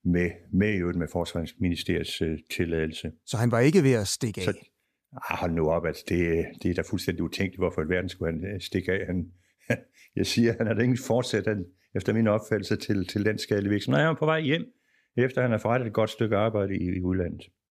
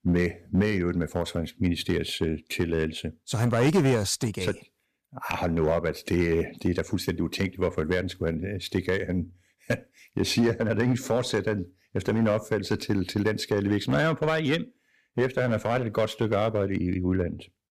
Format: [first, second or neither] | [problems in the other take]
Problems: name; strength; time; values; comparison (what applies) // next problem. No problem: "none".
first | distortion; slight; 4% of the sound clipped